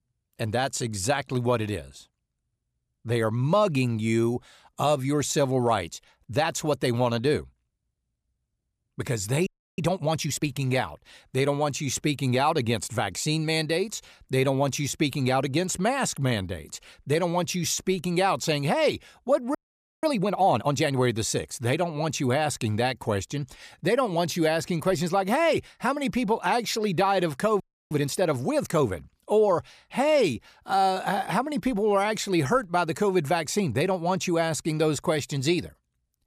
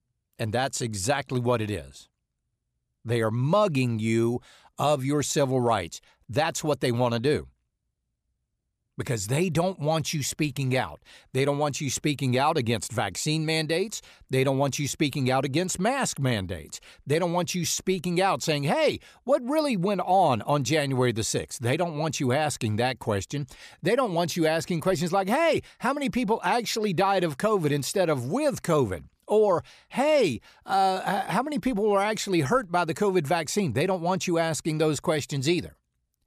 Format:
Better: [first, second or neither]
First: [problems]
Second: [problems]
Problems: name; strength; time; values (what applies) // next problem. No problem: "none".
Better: second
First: audio freezing; at 9.5 s, at 20 s and at 28 s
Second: none